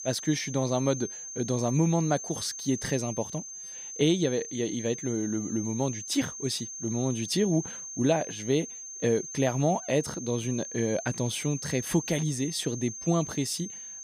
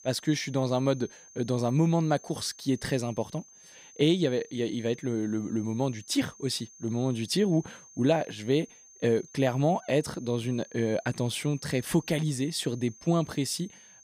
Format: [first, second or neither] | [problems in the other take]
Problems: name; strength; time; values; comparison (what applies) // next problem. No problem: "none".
second | high-pitched whine; loud; throughout; 6.5 kHz, 8 dB below the speech; faint in the second